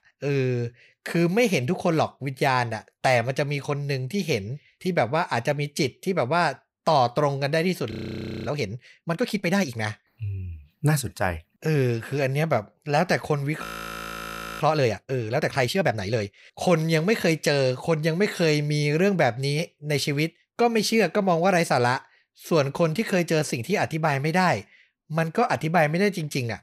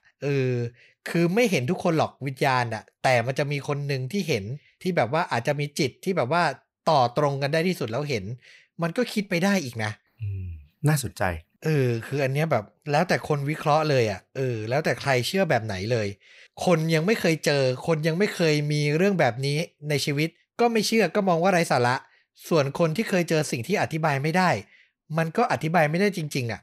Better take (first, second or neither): second